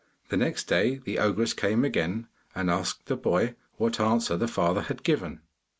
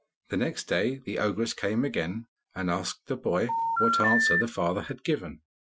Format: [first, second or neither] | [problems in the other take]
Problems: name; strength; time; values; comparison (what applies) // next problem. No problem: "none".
first | noise reduction (classical method Wiener filter)